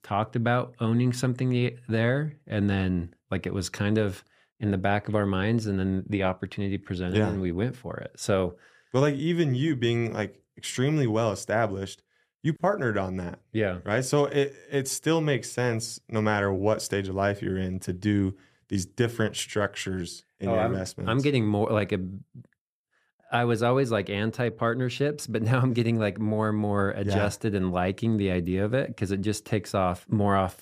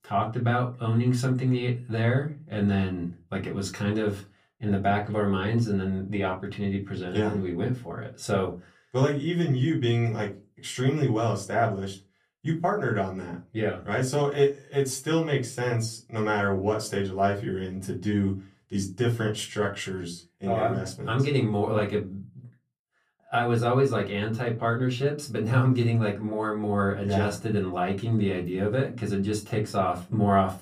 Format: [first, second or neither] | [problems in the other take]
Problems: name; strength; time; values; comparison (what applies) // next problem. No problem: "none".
first | off-mic speech; far // room echo; very slight; dies away in 0.2 s